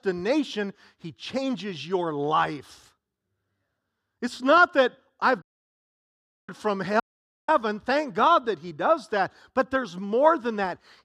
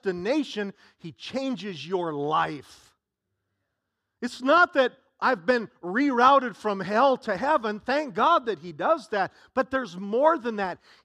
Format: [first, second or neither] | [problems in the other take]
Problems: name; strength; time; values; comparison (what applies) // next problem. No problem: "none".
second | audio cutting out; at 5.5 s for 1 s and at 7 s